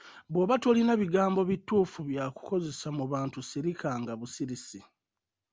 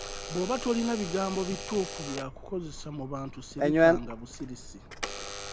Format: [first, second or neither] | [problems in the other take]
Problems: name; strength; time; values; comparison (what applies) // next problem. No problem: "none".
first | background sound (Alarm / Door); 2 dB above the speech